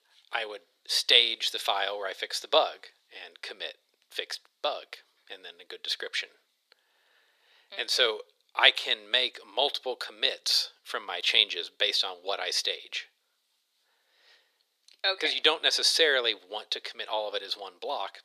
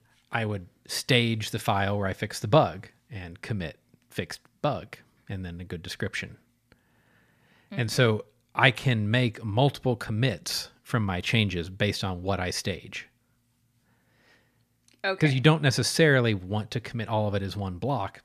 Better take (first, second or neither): second